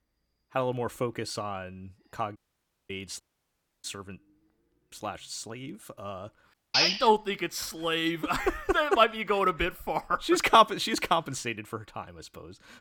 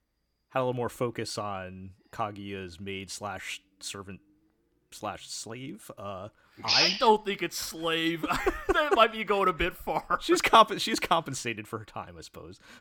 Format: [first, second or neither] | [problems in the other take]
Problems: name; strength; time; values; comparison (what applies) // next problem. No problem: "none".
second | audio cutting out; at 2.5 s for 0.5 s, at 3 s for 0.5 s and at 6.5 s